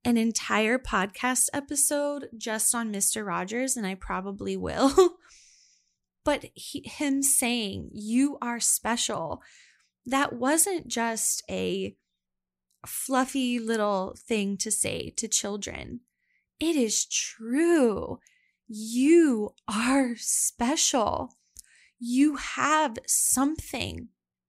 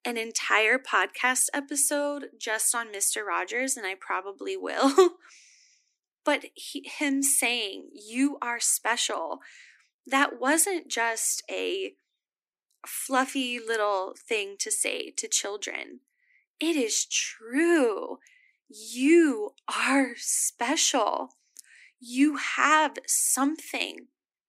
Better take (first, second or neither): first